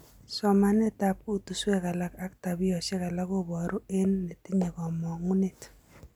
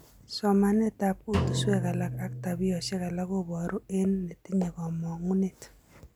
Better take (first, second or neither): first